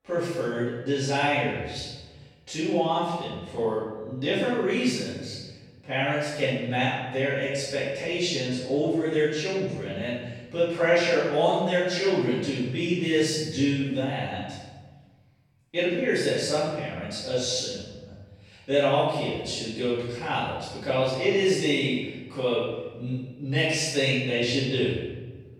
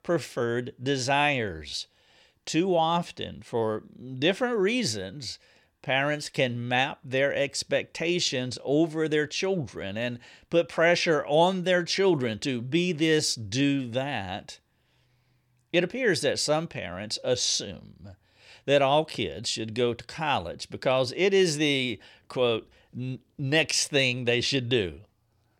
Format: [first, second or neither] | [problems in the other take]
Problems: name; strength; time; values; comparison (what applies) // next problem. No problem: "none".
second | off-mic speech; far // room echo; strong; dies away in 1.2 s